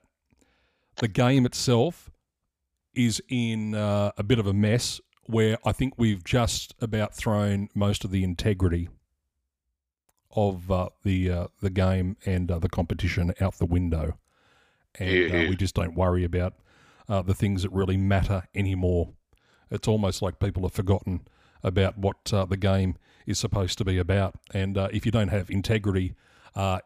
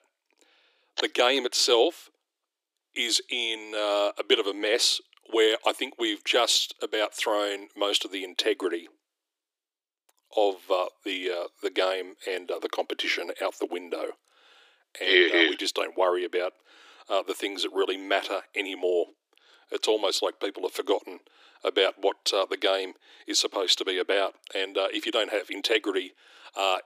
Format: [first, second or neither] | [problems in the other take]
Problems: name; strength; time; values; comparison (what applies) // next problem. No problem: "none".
first | thin; very; fading below 300 Hz